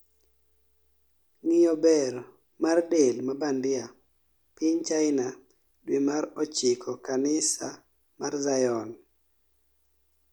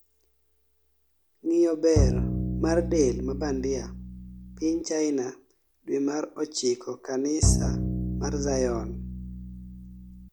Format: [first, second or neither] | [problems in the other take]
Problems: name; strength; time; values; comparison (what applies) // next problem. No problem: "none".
first | background sound (Bowed string instrument); as loud as the speech